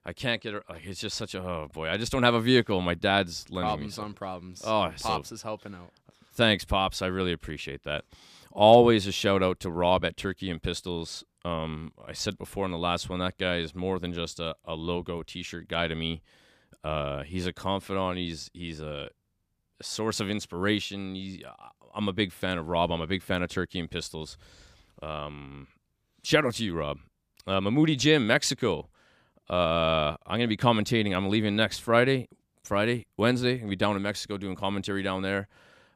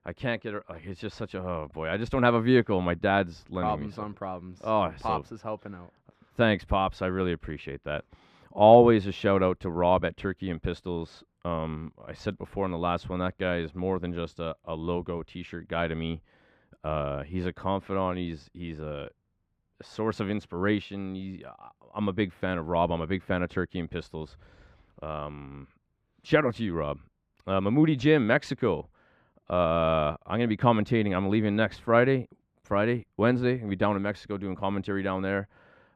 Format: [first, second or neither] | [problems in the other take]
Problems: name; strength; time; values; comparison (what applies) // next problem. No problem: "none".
first | muffled; very; fading above 3.5 kHz